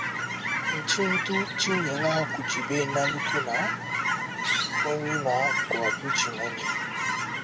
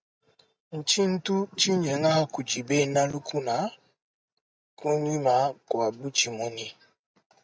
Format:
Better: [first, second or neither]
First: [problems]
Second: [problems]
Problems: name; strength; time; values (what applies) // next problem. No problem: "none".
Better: second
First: background sound (Chirp, tweet / Fowl); 2 dB above the speech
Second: none